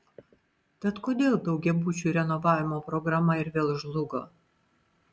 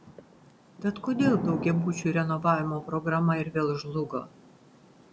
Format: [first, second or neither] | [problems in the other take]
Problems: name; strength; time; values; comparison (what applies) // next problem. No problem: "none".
first | background sound (Thunder / Rain); 10 dB below the speech